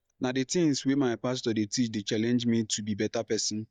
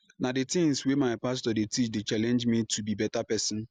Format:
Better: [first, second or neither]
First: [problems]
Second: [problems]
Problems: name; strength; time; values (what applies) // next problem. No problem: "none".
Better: second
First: noise reduction (neural mask model DeepFilterNet 3)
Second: none